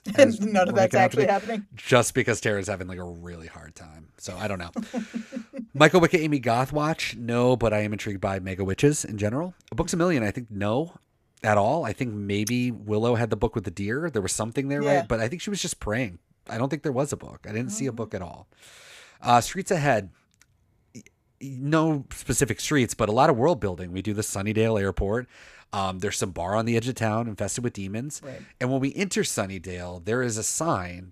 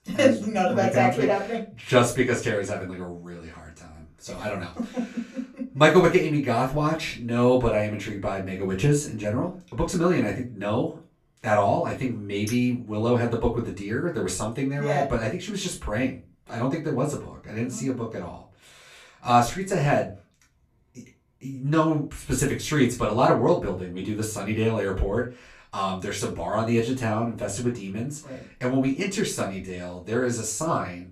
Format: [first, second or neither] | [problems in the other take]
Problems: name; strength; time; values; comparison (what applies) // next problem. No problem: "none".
first | off-mic speech; far // room echo; very slight; dies away in 0.2 s